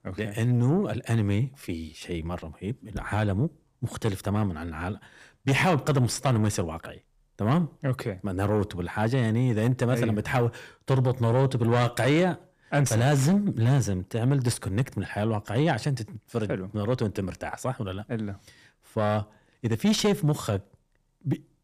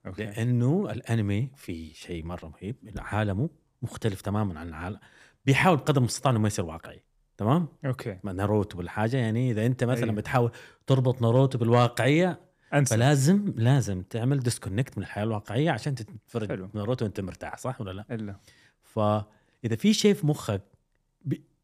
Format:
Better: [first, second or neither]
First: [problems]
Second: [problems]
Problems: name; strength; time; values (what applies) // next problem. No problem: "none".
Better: second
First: distortion; slight; 10 dB below the speech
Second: none